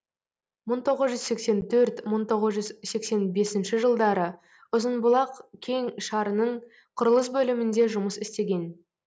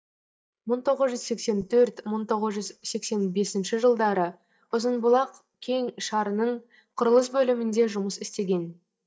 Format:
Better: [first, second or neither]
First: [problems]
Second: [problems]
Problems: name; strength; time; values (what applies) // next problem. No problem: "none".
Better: first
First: none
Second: noise reduction (neural mask model DeepFilterNet 3)